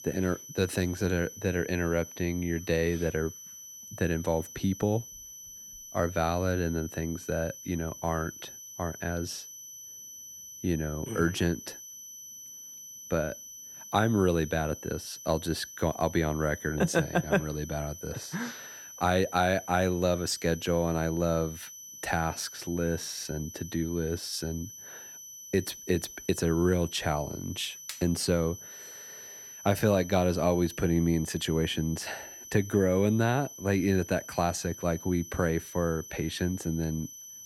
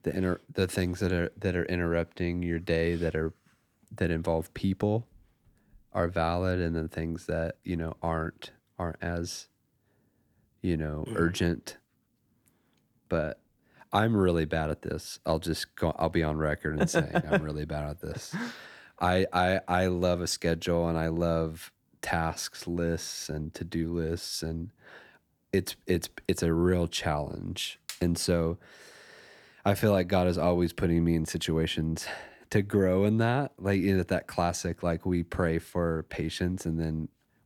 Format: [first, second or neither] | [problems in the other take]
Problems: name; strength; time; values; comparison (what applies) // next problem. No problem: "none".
second | high-pitched whine; noticeable; throughout; 6 kHz, 15 dB below the speech